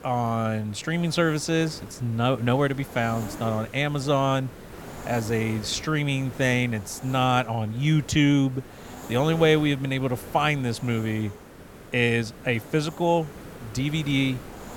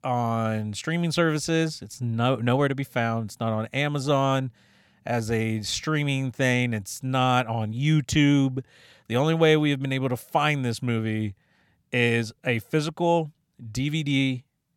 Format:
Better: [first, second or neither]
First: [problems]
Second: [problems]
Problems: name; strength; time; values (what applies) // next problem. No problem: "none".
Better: second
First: hiss; noticeable; throughout; 15 dB below the speech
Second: none